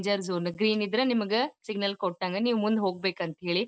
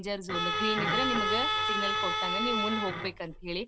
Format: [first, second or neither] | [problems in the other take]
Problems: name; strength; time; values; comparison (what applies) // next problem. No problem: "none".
first | background sound (Bowed string instrument); 4 dB above the speech